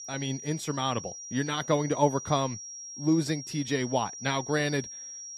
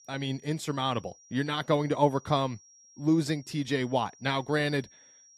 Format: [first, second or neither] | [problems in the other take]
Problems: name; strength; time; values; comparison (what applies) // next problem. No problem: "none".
second | high-pitched whine; loud; throughout; 5.5 kHz, 10 dB below the speech; faint in the second